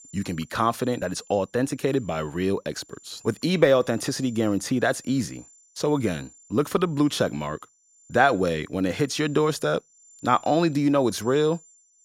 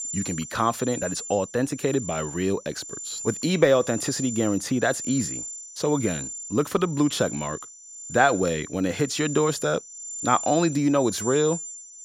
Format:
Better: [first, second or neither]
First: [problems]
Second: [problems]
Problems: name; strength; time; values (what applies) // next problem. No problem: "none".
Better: first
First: high-pitched whine; faint; throughout; 7 kHz, 25 dB below the speech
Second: high-pitched whine; loud; throughout; 7 kHz, 9 dB below the speech